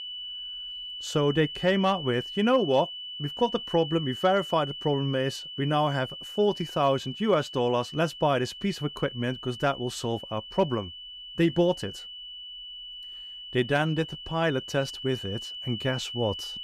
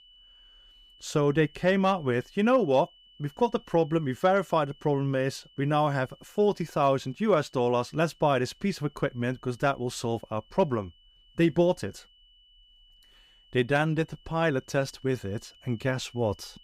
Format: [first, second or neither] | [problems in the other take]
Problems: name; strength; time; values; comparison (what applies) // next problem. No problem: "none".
second | high-pitched whine; loud; throughout; 3 kHz, 10 dB below the speech; faint in the second